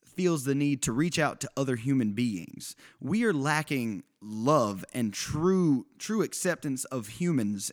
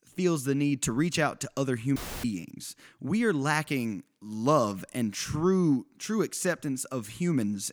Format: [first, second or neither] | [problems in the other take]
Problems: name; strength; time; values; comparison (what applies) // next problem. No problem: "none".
first | audio cutting out; filled with static; at 2 s